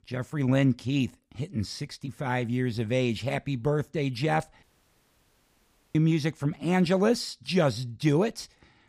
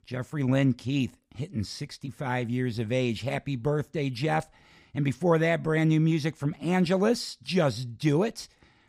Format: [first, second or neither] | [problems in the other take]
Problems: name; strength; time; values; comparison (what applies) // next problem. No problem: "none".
second | audio cutting out; at 4.5 s for 1.5 s